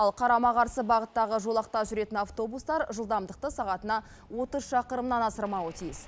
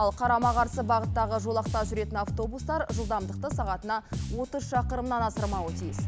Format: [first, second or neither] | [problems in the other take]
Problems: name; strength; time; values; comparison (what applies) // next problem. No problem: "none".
first | background sound (Bass guitar); 4 dB below the speech